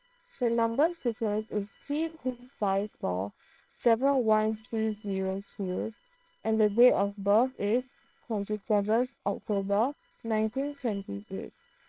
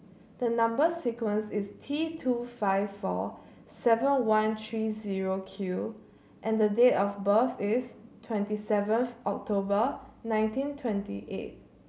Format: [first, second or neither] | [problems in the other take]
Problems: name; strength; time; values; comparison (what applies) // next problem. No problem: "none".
second | noise reduction (neural separator model SepFormer WHAM!)